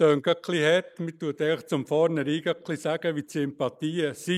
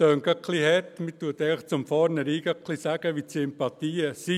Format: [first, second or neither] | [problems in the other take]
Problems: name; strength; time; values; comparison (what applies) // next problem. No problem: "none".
second | noise reduction (neural mask model Resemble Enhance denoiser)